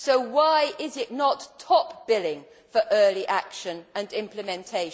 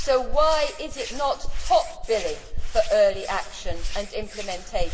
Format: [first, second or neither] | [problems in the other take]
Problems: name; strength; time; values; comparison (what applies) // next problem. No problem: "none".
first | background sound (Hands); 3 dB below the speech // room echo; dies away in 3 s